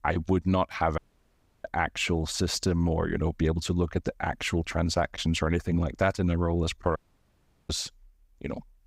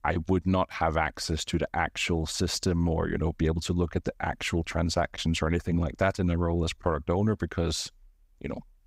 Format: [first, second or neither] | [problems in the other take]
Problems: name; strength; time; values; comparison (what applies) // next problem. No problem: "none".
second | audio cutting out; at 1 s for 0.5 s and at 7 s for 0.5 s